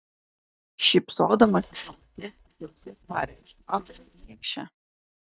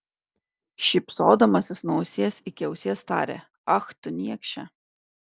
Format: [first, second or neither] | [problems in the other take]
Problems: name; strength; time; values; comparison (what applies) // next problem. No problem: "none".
second | noise reduction (neural mask model DeepFilterNet 3)